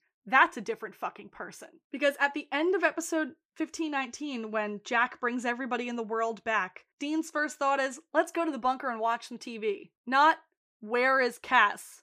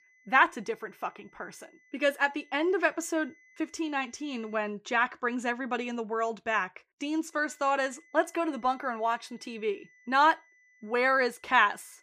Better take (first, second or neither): first